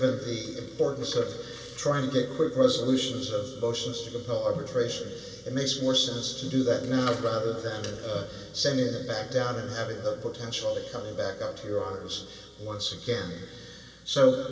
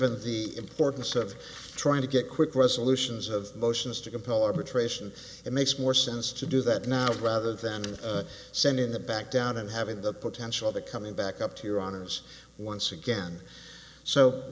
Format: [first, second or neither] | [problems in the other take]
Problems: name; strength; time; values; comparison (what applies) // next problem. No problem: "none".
second | room echo; dies away in 2.4 s